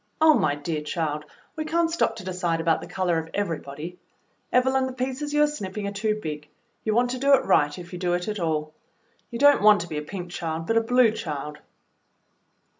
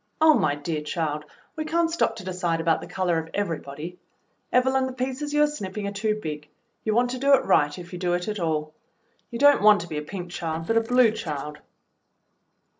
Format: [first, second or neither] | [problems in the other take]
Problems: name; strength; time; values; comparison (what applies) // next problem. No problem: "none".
first | noise reduction (neural separator model SepFormer DNS4)